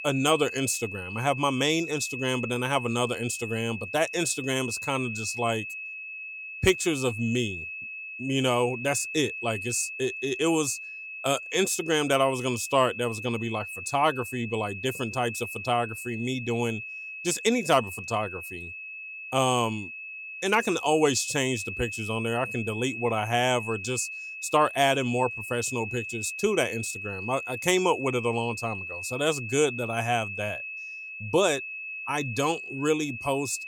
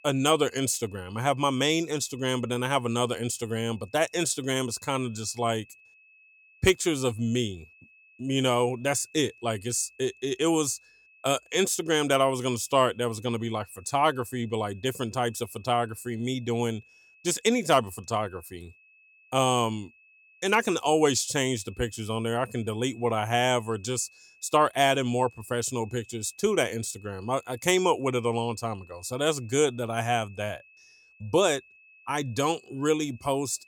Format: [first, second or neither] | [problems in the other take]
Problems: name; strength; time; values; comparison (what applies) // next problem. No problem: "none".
second | high-pitched whine; loud; throughout; 2.5 kHz, 8 dB below the speech; faint in the second